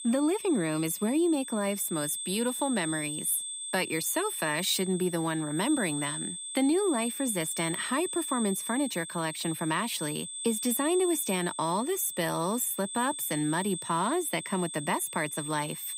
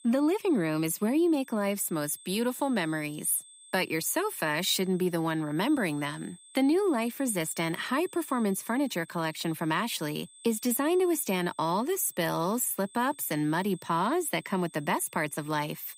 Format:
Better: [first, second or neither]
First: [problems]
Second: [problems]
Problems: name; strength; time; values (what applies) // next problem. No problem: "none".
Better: second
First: high-pitched whine; loud; throughout; 8 kHz, 6 dB below the speech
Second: high-pitched whine; faint; throughout; 8 kHz, 20 dB below the speech